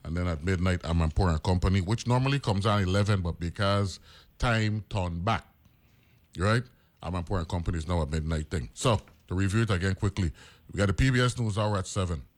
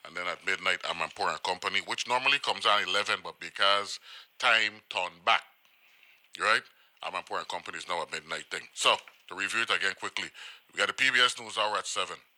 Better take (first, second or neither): first